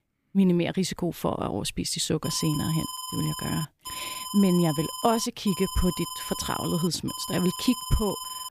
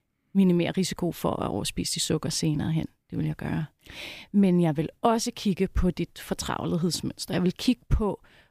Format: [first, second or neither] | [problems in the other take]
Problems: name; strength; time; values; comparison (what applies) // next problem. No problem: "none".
second | alarm; noticeable; from 2 s on; peak 6 dB below the speech